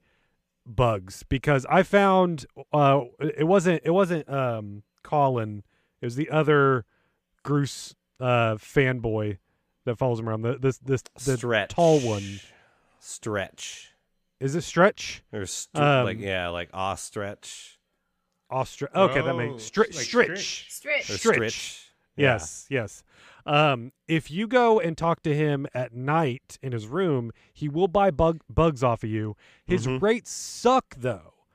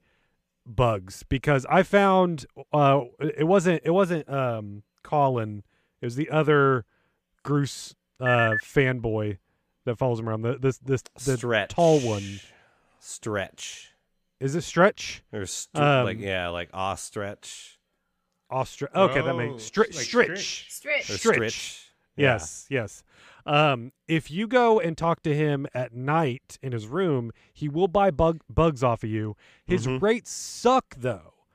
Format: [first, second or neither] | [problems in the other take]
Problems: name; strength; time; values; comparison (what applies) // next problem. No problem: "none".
first | phone ringing; noticeable; at 8.5 s; peak 1 dB below the speech